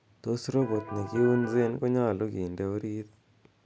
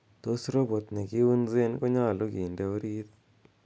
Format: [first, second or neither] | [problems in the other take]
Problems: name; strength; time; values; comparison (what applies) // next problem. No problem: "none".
second | background sound (Electric guitar); 11 dB below the speech